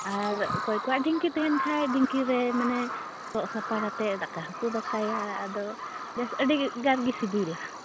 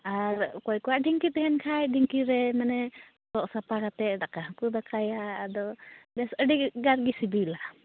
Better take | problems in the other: second | background sound (Bird vocalization, bird call, bird song); 6 dB below the speech

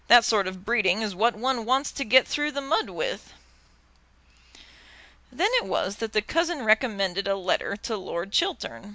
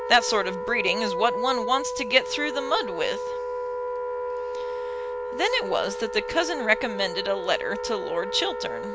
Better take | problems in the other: first | background sound (Wind instrument, woodwind instrument); 4 dB below the speech

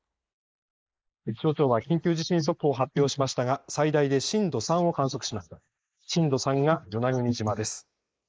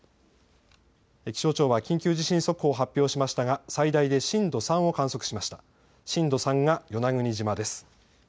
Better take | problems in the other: second | noise reduction (neural mask model Resemble Enhance denoiser)

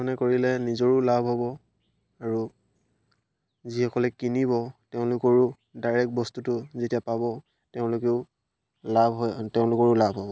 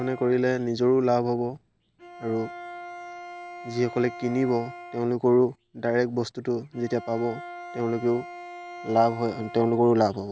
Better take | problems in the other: first | background sound (Bowed string instrument); 16 dB below the speech

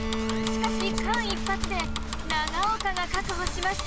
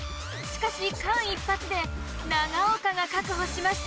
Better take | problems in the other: second | background sound (Bicycle + Bowed string instrument); as loud as the speech

